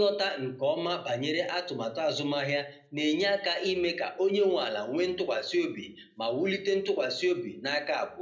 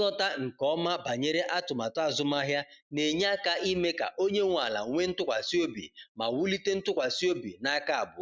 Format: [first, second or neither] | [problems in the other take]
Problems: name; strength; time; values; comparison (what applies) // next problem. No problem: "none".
second | room echo; dies away in 0.4 s